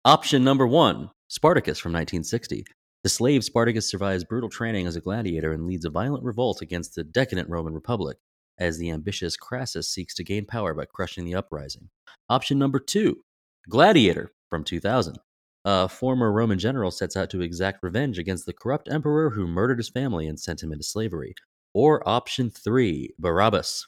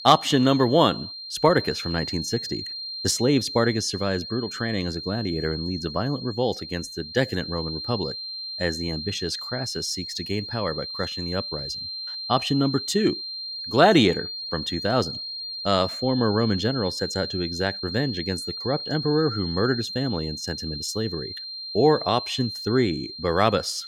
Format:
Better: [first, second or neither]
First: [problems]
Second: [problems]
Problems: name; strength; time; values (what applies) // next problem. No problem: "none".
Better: first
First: none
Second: high-pitched whine; loud; throughout; 4 kHz, 7 dB below the speech